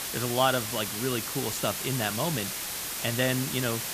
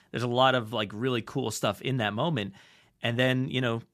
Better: second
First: hiss; loud; throughout; 2 dB below the speech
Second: none

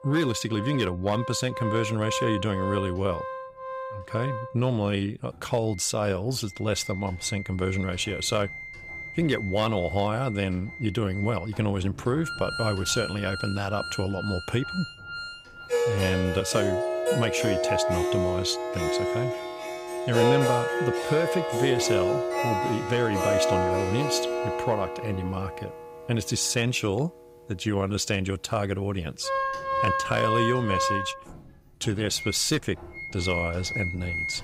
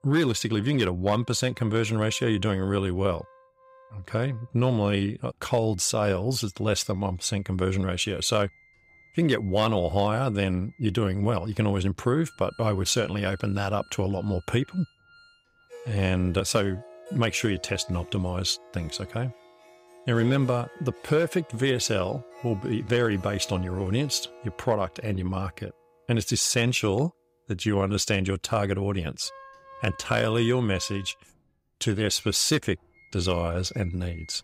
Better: second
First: background music; loud; throughout; 2 dB below the speech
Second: background music; faint; throughout; 20 dB below the speech

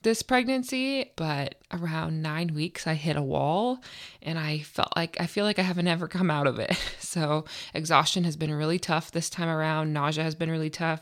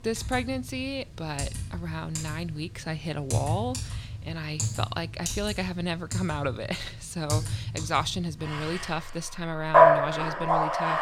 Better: first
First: none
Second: household noises; very loud; throughout; 5 dB above the speech

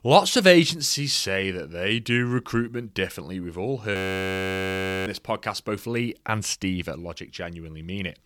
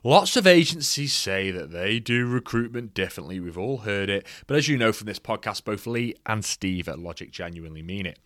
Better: second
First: audio freezing; at 4 s for 1 s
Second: none

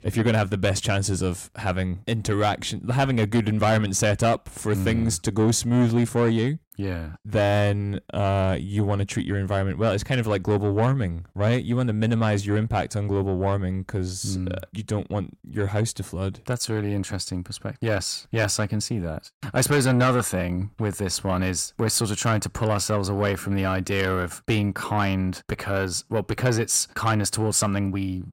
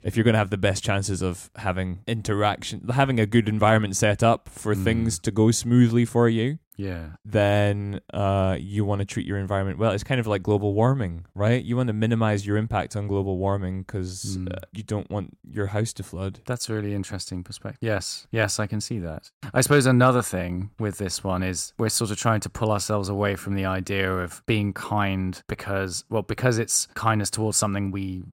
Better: second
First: distortion; slight; 10 dB below the speech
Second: none

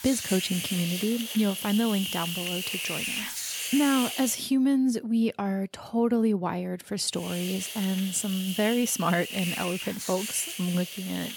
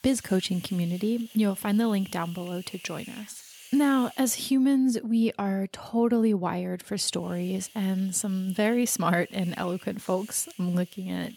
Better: second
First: hiss; loud; until 4.5 s and from 7 s on; 5 dB below the speech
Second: hiss; faint; until 4.5 s and from 7 s on; 20 dB below the speech

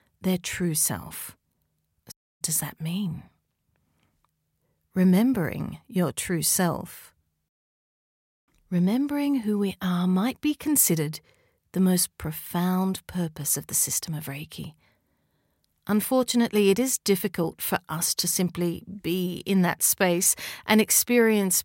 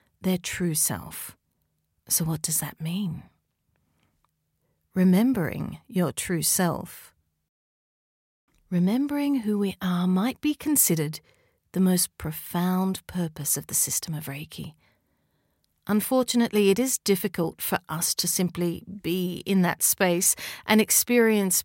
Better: second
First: audio cutting out; at 2 s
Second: none

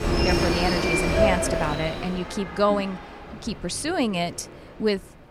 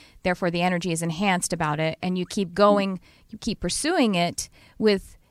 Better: second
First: train or aircraft noise; very loud; throughout; 2 dB above the speech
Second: none

